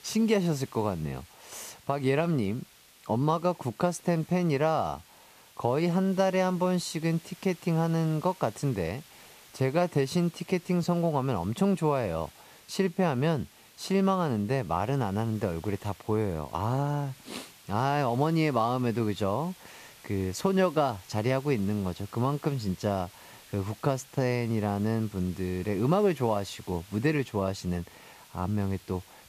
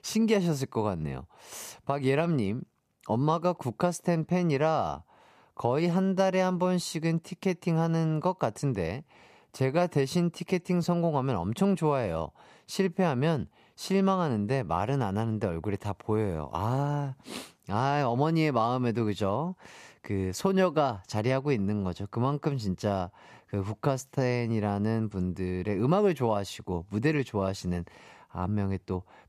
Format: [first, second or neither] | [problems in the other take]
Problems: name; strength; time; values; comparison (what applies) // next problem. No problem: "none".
second | hiss; faint; throughout; 25 dB below the speech